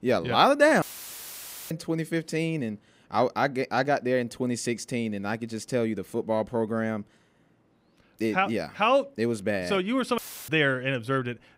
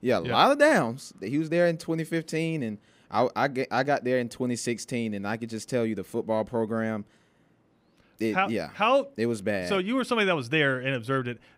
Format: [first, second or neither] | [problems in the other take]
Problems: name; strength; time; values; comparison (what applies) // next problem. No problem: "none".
second | audio cutting out; filled with static; at 1 s for 1 s and at 10 s